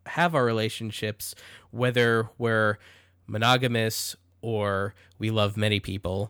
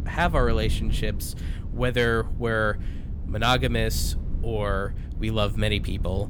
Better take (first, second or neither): first